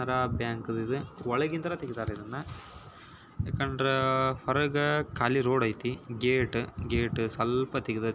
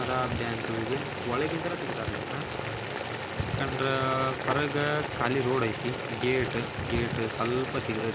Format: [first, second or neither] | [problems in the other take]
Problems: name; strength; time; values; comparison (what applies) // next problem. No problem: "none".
first | background sound (Boiling); 4 dB below the speech